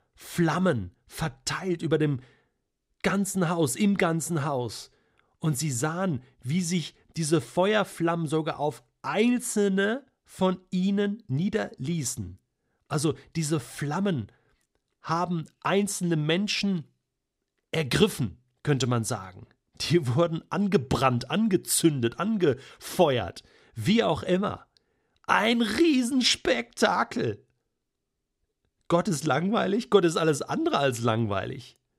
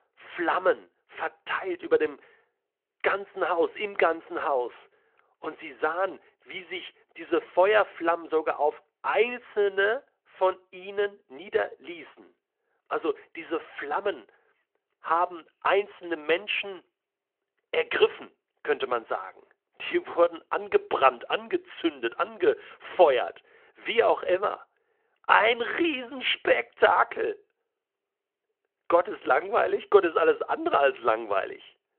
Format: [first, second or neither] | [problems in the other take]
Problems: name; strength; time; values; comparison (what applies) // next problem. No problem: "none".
first | phone-call audio